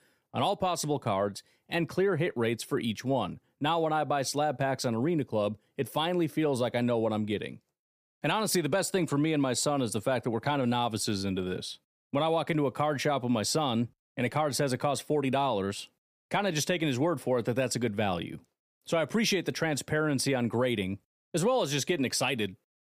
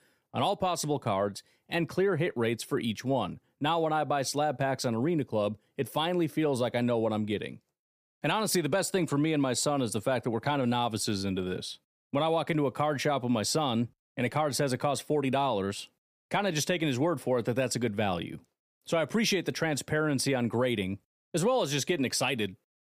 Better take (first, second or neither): neither